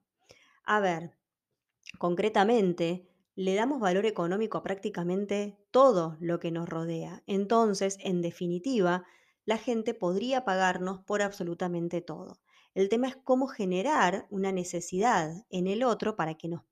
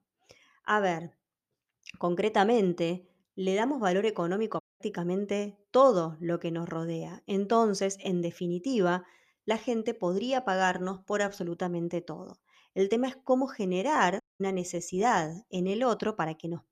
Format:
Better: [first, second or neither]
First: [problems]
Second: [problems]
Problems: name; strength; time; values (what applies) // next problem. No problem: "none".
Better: first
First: none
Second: audio cutting out; at 4.5 s and at 14 s